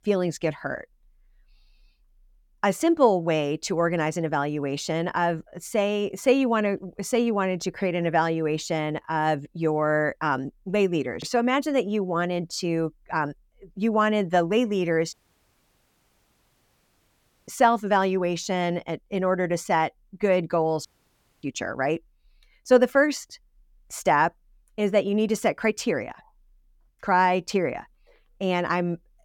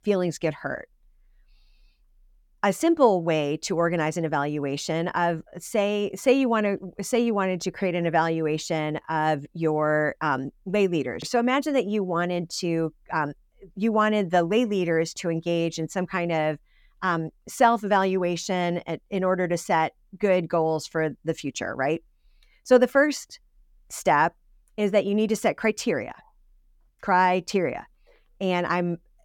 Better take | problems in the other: second | audio cutting out; at 15 s for 2.5 s and at 21 s for 0.5 s

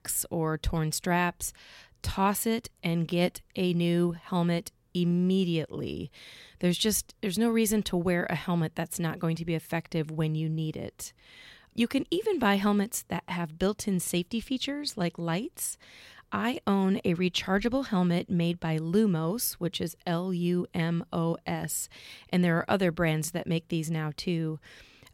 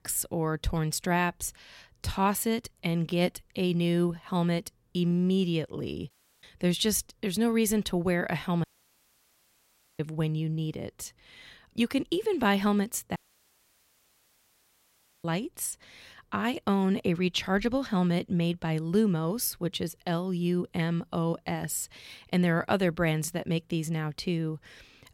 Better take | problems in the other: first | audio cutting out; at 6 s, at 8.5 s for 1.5 s and at 13 s for 2 s

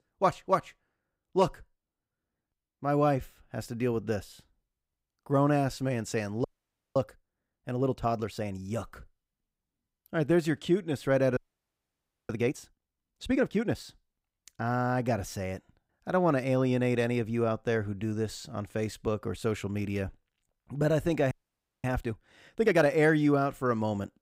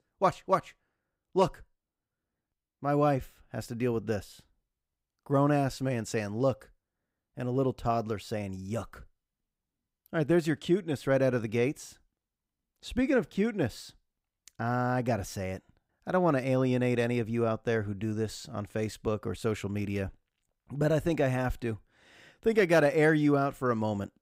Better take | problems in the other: second | audio freezing; at 6.5 s for 0.5 s, at 11 s for 1 s and at 21 s for 0.5 s

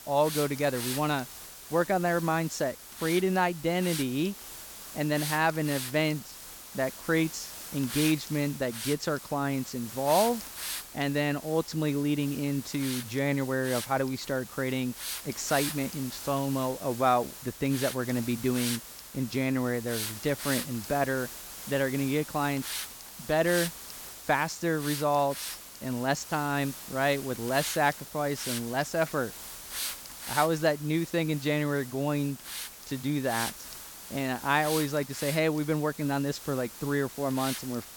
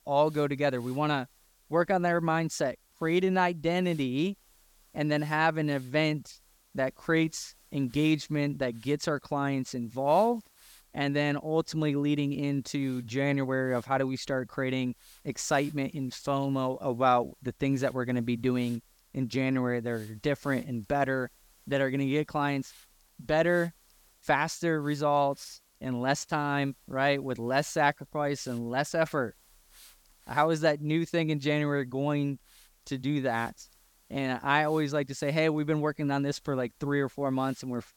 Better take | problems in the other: second | hiss; loud; throughout; 8 dB below the speech; faint in the second

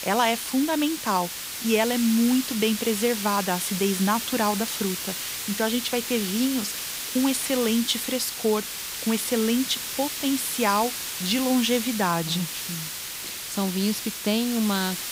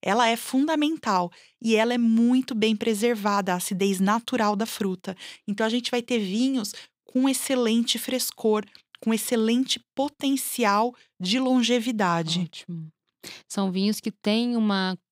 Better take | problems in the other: second | hiss; loud; throughout; 5 dB below the speech

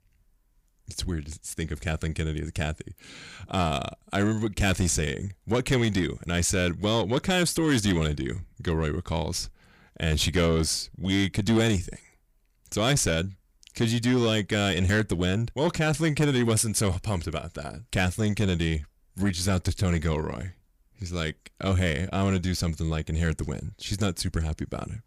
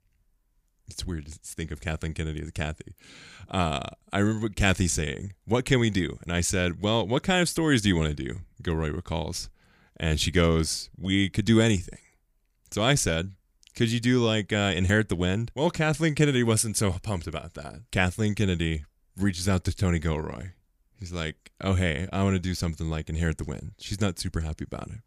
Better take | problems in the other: second | distortion; slight; 10 dB below the speech

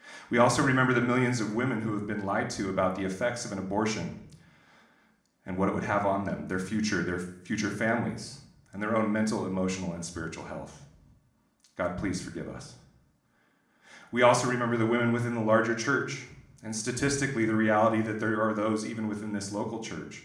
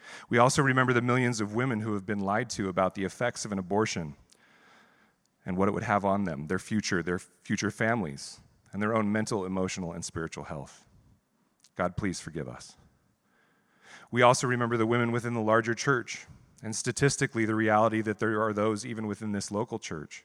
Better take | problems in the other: second | room echo; slight; dies away in 0.5 s // off-mic speech; somewhat distant

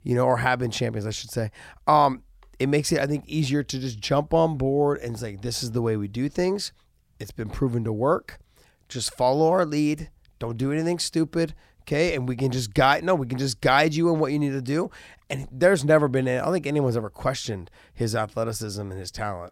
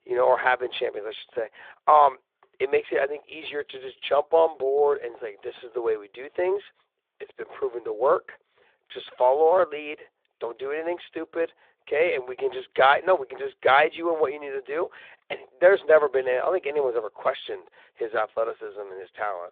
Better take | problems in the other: first | phone-call audio

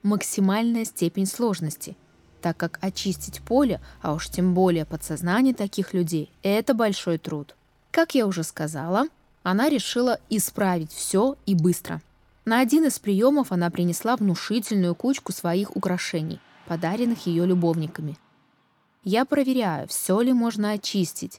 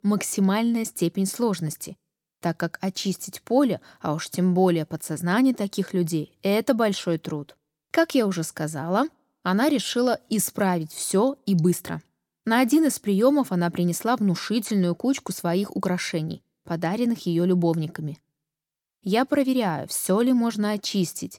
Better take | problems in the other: second | traffic noise; faint; throughout; 30 dB below the speech

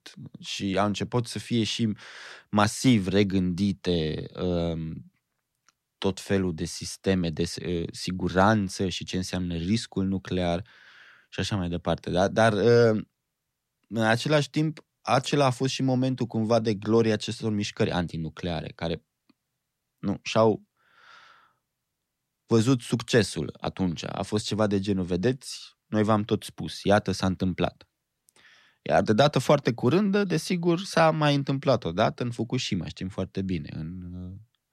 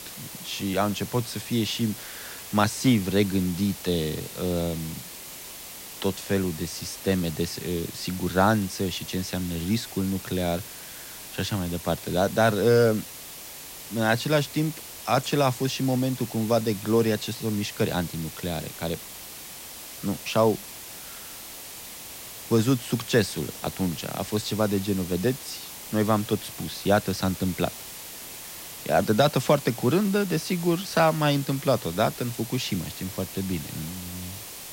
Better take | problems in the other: first | hiss; noticeable; throughout; 10 dB below the speech

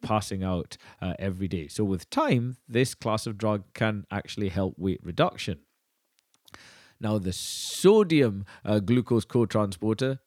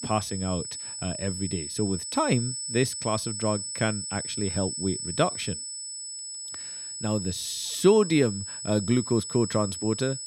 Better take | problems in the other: first | high-pitched whine; loud; throughout; 8 kHz, 5 dB below the speech

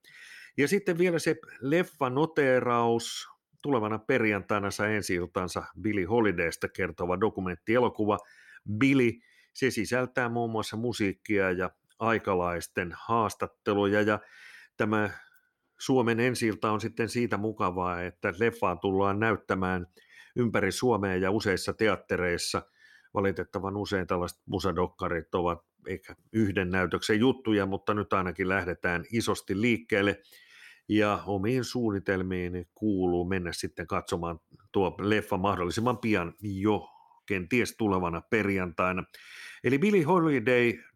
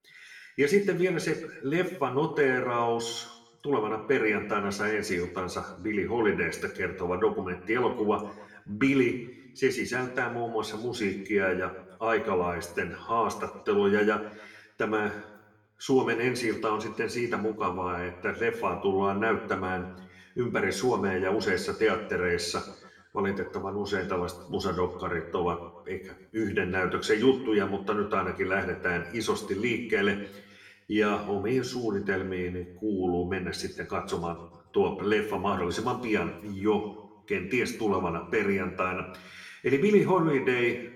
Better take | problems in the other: first | room echo; slight; dies away in 0.7 s // off-mic speech; far

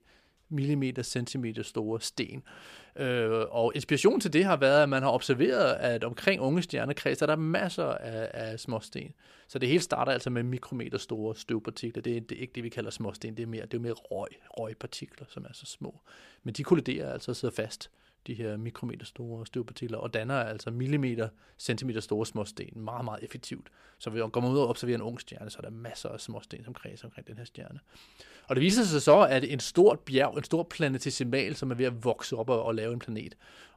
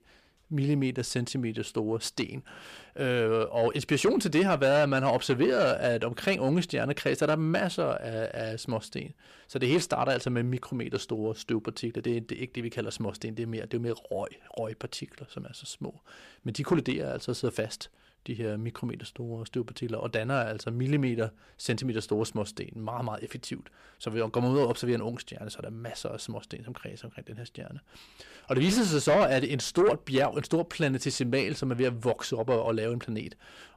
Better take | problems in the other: first | distortion; slight; 10 dB below the speech

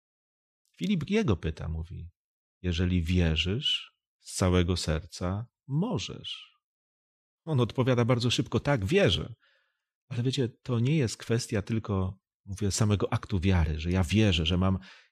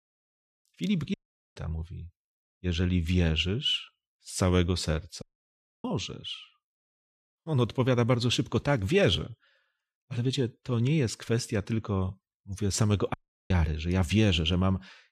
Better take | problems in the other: first | audio cutting out; at 1 s, at 5 s for 0.5 s and at 13 s

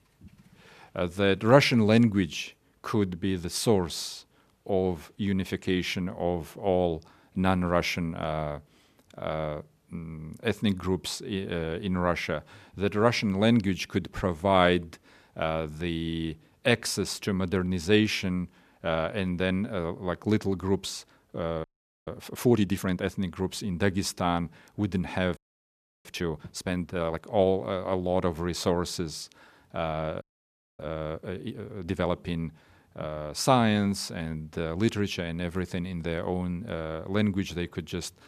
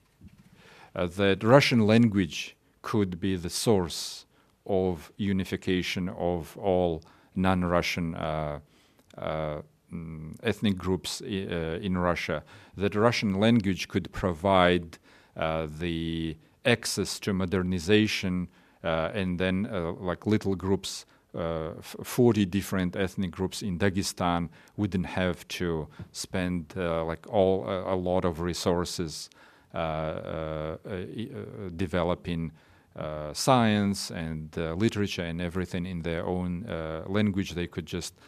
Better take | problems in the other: second | audio freezing; at 22 s, at 25 s for 0.5 s and at 30 s for 0.5 s

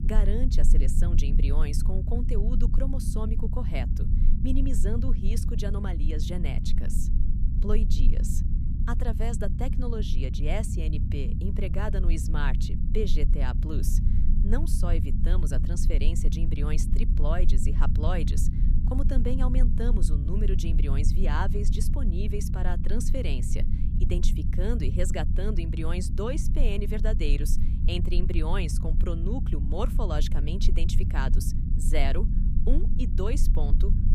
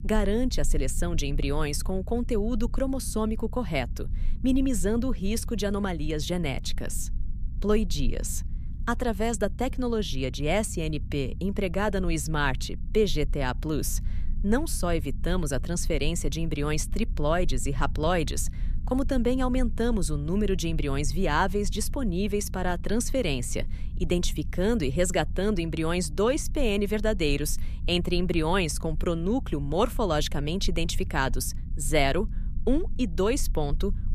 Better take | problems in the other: second | low rumble; loud; throughout; 6 dB below the speech; faint in the second

